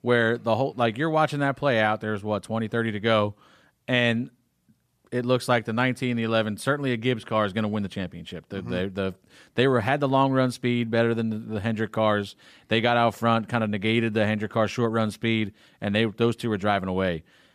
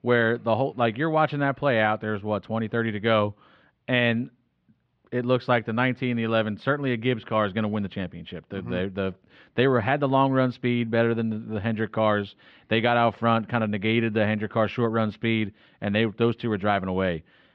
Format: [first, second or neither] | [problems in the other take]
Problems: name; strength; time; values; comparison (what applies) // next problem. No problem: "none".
first | muffled; slightly; fading above 3.5 kHz